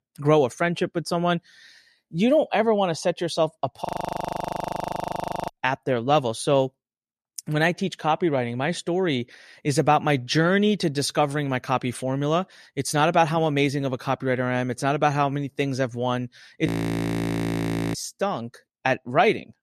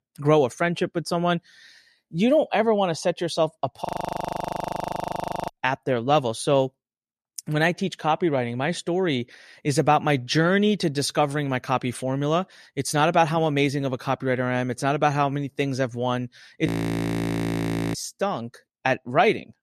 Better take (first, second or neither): neither